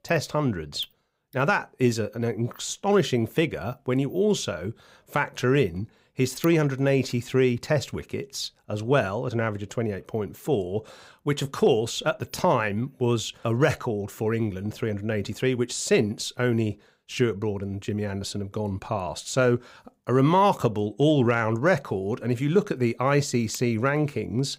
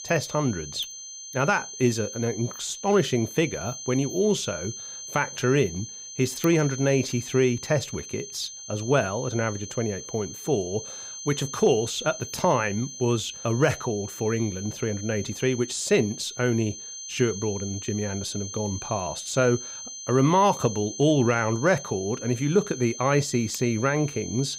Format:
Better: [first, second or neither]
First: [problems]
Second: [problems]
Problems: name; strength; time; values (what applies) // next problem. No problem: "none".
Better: first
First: none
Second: high-pitched whine; noticeable; throughout; 6.5 kHz, 10 dB below the speech